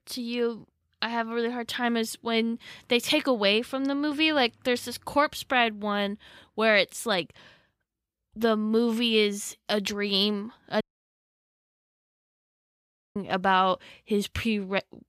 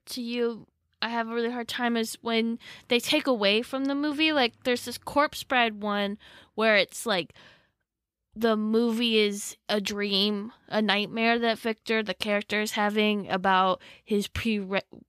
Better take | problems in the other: second | audio cutting out; at 11 s for 2.5 s

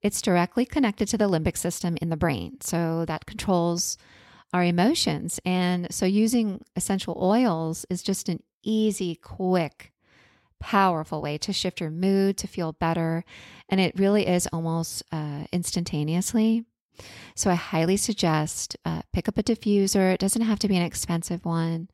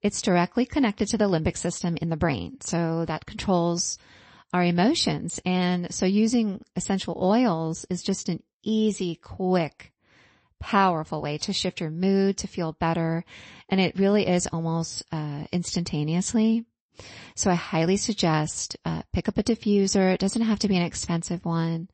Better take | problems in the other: first | garbled, watery; slightly; nothing above 8 kHz

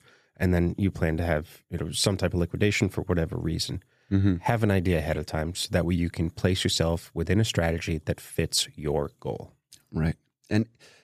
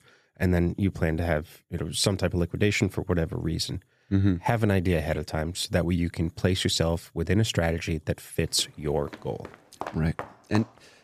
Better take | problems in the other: first | footsteps; faint; from 8.5 s on; peak 10 dB below the speech

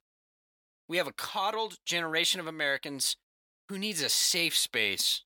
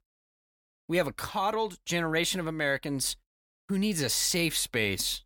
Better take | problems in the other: second | thin; somewhat; fading below 500 Hz

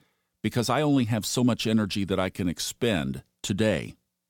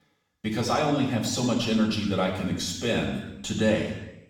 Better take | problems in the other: first | room echo; noticeable; dies away in 0.9 s // off-mic speech; far

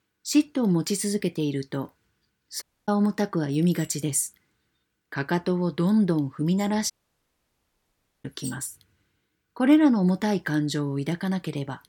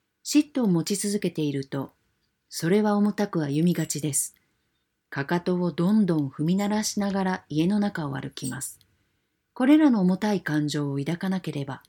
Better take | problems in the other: second | audio cutting out; at 2.5 s and at 7 s for 1.5 s

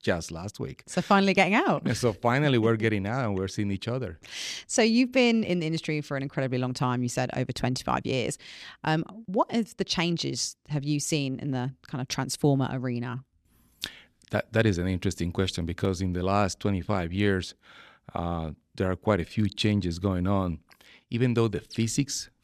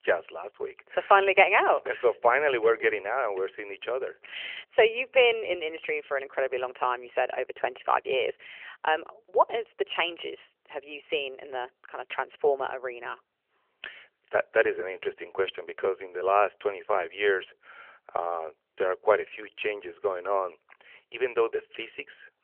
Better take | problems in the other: first | phone-call audio; nothing above 3 kHz

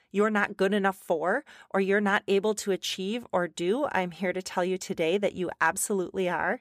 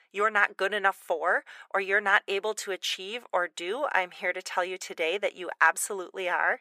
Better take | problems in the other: first | thin; very; fading below 550 Hz

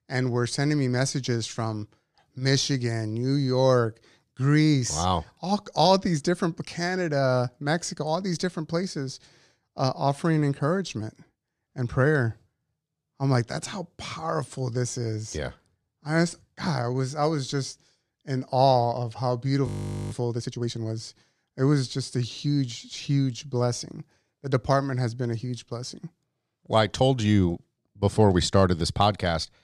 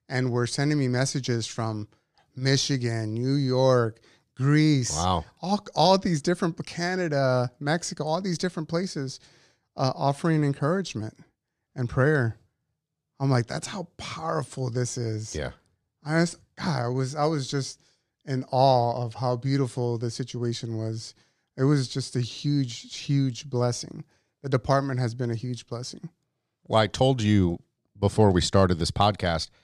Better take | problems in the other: second | audio freezing; at 20 s

